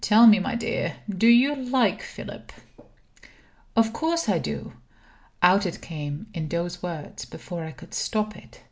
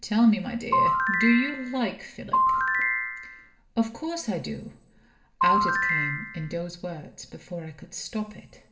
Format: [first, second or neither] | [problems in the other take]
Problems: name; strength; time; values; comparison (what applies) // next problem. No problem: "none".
first | background sound (Ringtone / Chime); 4 dB above the speech // room echo; dies away in 1.1 s